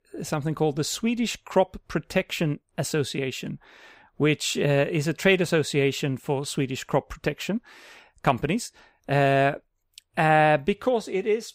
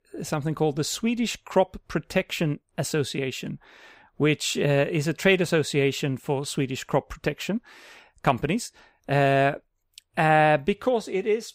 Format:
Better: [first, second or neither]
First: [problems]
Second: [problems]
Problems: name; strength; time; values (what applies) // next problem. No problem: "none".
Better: neither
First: none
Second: none